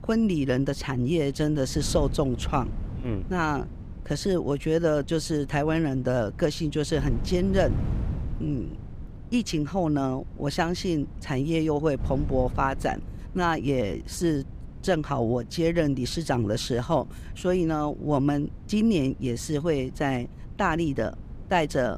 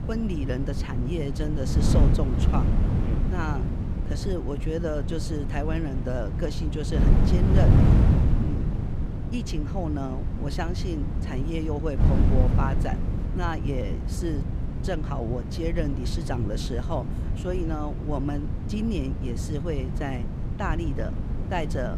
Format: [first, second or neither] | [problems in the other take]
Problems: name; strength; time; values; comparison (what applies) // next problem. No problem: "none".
first | wind noise on the microphone; heavy; 3 dB below the speech; occasional gusts in the first